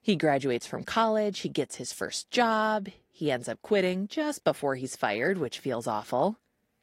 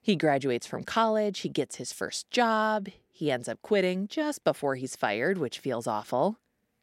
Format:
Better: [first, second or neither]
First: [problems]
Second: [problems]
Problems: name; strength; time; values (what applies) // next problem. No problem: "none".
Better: second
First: garbled, watery; slightly; nothing above 16 kHz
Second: none